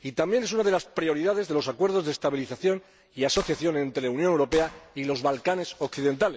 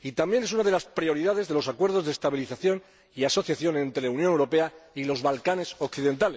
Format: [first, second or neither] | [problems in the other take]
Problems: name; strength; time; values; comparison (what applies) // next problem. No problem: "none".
second | background sound (Clapping); 16 dB below the speech